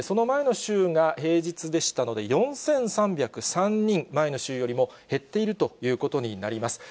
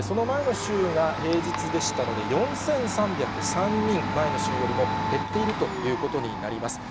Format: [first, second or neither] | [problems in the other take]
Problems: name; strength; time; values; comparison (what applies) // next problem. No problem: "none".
first | background sound (Domestic sounds, home sounds); 2 dB below the speech